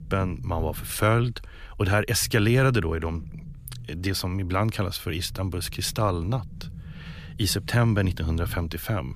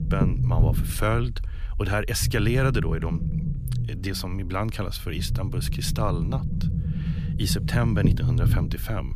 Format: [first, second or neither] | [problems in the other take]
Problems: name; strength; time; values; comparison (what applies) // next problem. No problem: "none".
first | low rumble; loud; throughout; 8 dB below the speech; faint in the first